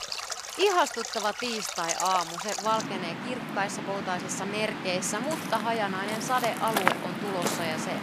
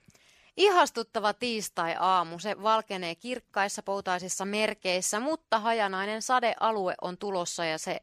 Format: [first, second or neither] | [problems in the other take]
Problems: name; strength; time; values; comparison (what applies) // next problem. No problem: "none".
second | rain or running water; loud; throughout; 3 dB below the speech